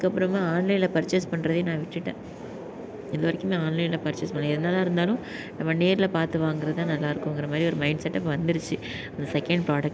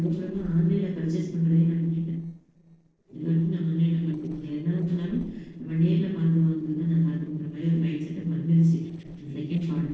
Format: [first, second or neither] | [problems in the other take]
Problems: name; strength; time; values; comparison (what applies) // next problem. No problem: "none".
first | noise reduction (neural separator model SepFormer DNS4)